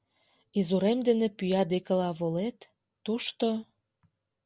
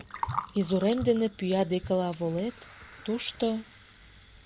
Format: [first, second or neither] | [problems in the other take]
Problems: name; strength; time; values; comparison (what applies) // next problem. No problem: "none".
first | background sound (Gurgling); 11 dB below the speech